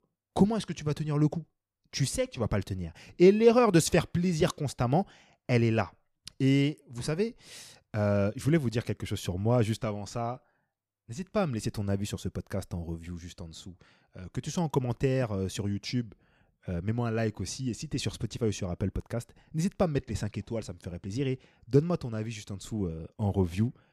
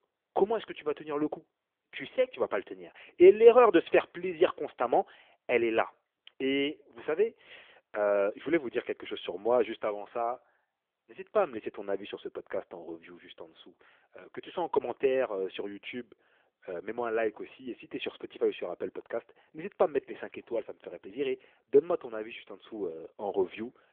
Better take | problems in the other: first | phone-call audio; nothing above 3.5 kHz

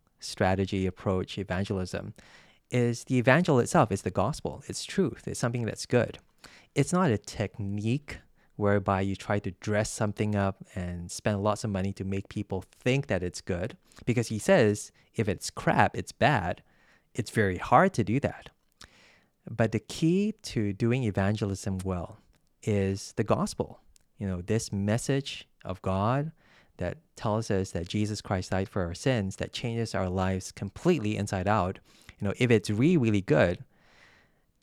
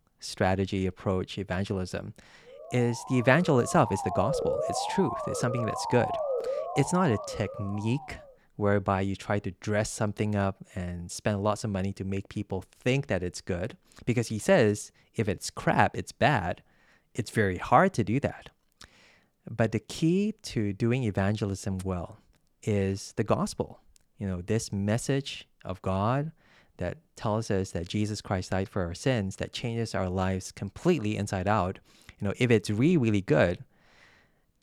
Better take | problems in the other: first | siren; noticeable; from 2.5 to 8 s; peak 1 dB below the speech

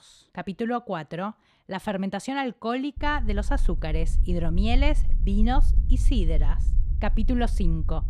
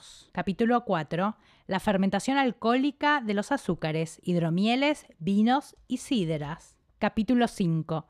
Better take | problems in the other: second | low rumble; noticeable; from 3 s on; 20 dB below the speech

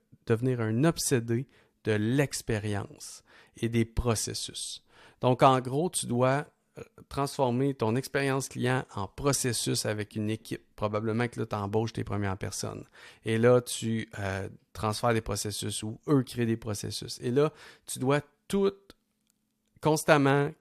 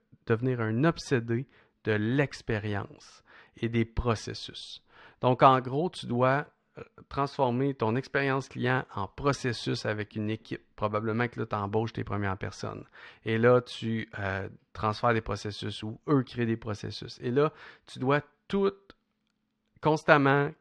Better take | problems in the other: first | muffled; slightly; fading above 4.5 kHz

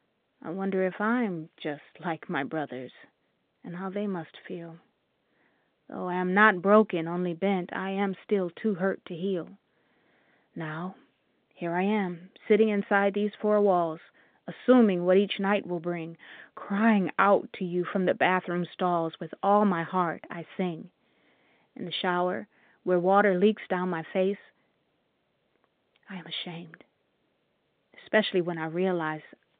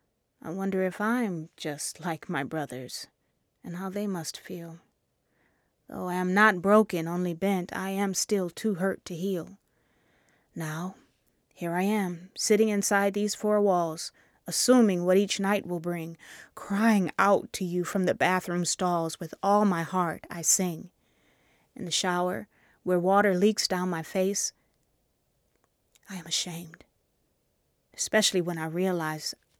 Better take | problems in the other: second | phone-call audio; nothing above 3.5 kHz

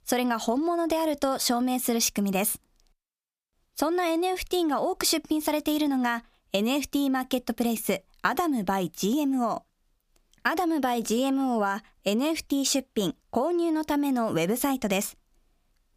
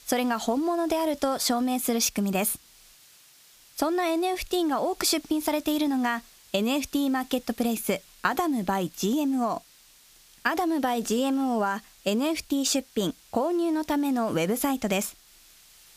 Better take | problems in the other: first | hiss; faint; throughout; 25 dB below the speech

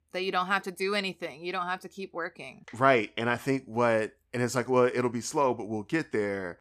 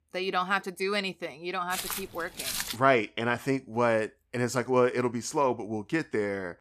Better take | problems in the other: first | footsteps; noticeable; from 1.5 to 3 s; peak 2 dB below the speech

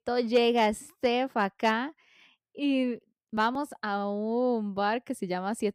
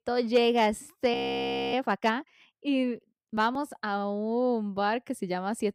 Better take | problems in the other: first | audio freezing; at 1 s for 0.5 s

